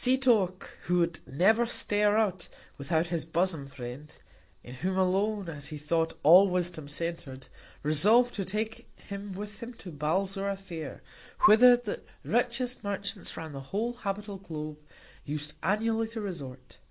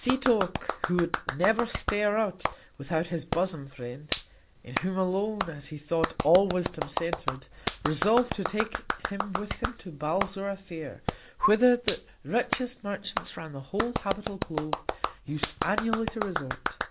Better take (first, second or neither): first